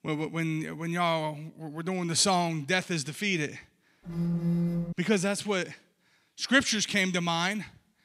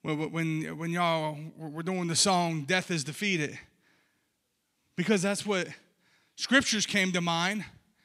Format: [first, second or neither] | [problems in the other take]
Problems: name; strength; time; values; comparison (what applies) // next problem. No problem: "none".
second | phone ringing; loud; at 4 s; peak level with the speech